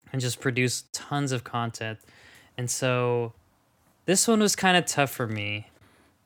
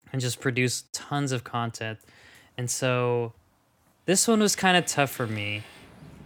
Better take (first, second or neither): first